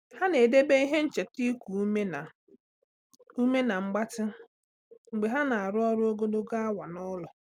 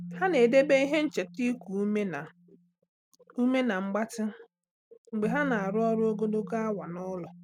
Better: first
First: none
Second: noise reduction (neural mask model RNNoise)

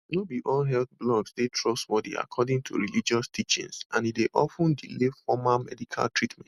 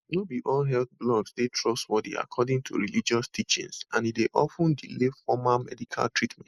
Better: first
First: none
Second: noise reduction (neural mask model Resemble Enhance denoiser)

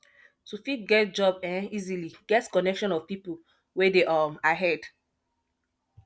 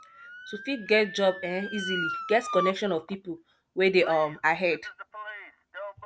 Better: first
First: none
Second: background sound (Motor vehicle (road) / Siren); 10 dB below the speech

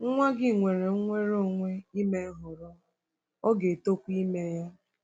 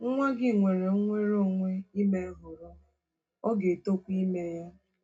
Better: first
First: none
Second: room echo; dies away in 0.2 s

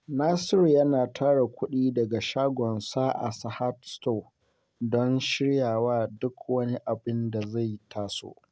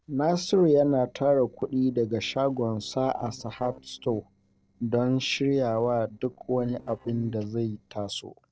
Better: first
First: none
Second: noise reduction (neural separator model SepFormer DNS4)

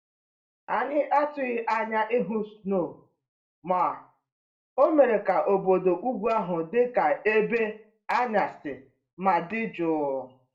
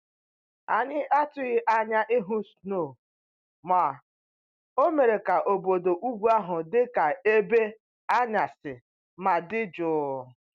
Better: second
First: room echo; dies away in 0.3 s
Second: none

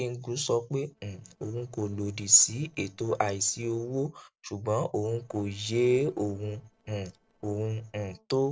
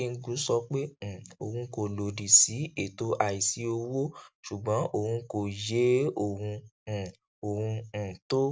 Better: second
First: noise reduction (neural separator model SepFormer DNS4)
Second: none

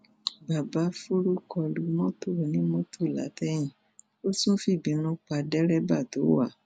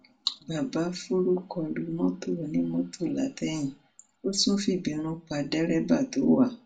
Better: first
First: none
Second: room echo; dies away in 0.2 s

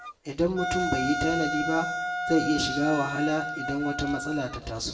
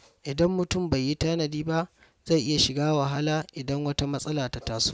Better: second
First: background sound (Wind instrument, woodwind instrument); 4 dB below the speech // room echo; dies away in 0.6 s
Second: none

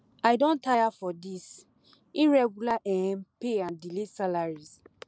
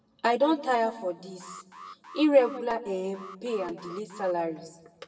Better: first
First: none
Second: background sound (Alarm); 19 dB below the speech // room echo; dies away in 0.9 s

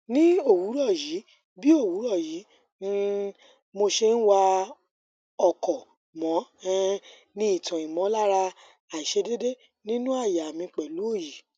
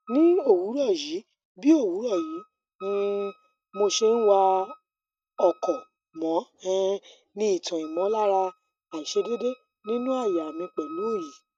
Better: first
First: none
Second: noise reduction (neural mask model RNNoise)

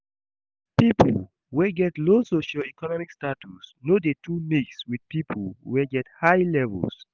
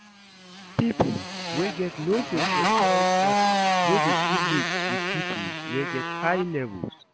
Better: first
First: none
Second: background sound (Motorcycle); 4 dB above the speech

